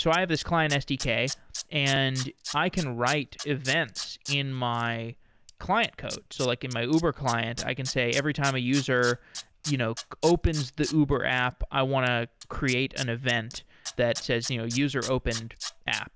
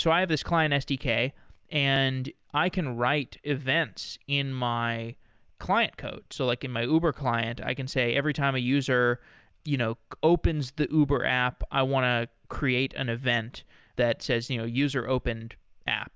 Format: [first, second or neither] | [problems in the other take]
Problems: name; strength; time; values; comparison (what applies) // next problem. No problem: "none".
second | background sound (Tools); 14 dB below the speech